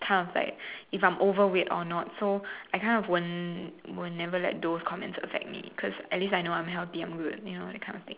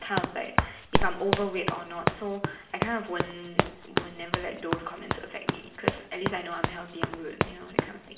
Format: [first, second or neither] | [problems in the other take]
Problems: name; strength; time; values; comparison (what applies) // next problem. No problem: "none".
first | background sound (Run); 4 dB above the speech // room echo; dies away in 0.8 s